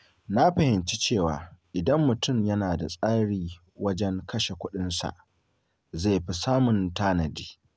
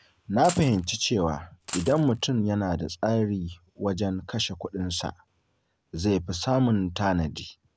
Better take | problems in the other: first | background sound (Coin (dropping)); 13 dB below the speech

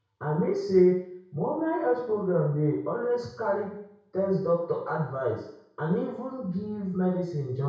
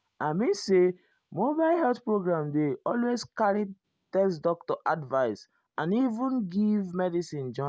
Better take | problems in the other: second | room echo; dies away in 0.6 s

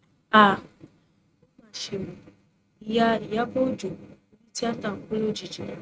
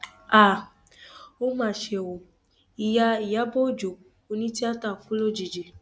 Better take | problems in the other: second | noise reduction (neural mask model RNNoise)

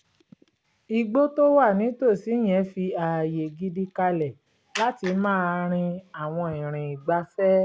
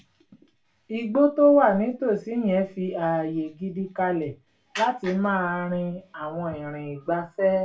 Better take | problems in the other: first | room echo; dies away in 0.2 s

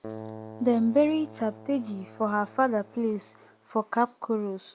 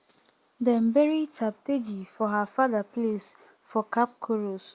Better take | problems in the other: second | background sound (Keyboard (musical)); 17 dB below the speech

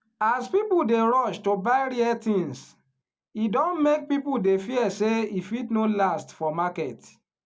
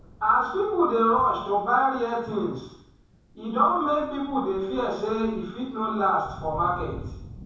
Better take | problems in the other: first | background sound (Thunder); 18 dB below the speech // room echo; dies away in 0.7 s

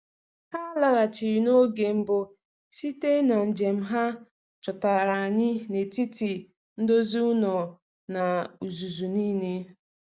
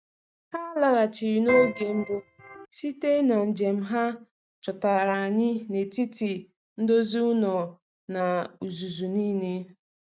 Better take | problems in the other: first | noise reduction (neural mask model RNNoise)

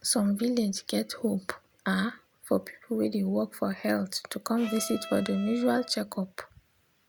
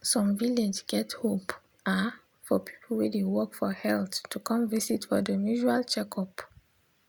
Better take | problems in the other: second | background sound (Bowed string instrument); 14 dB below the speech

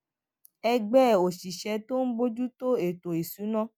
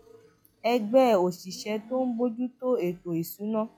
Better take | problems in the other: first | noise reduction (classical method log-MMSE)

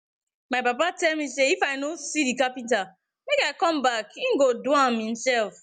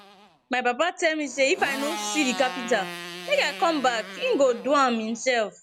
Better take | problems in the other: first | background sound (Motorcycle); 13 dB below the speech

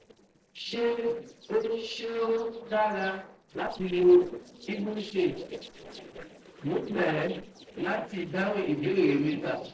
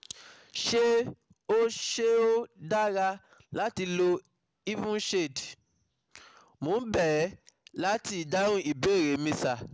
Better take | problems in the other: second | noise reduction (neural separator model SepFormer DNS4)

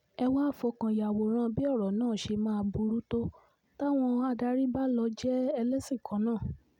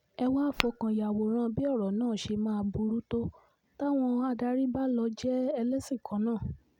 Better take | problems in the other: first | background sound (Tap / Glass); 11 dB below the speech

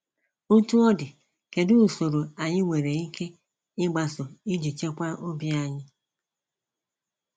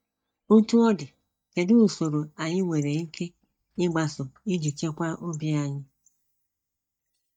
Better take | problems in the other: first | noise reduction (neural mask model DeepFilterNet 3)

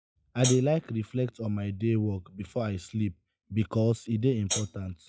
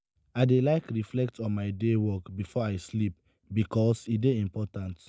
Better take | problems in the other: second | noise reduction (classical method log-MMSE)

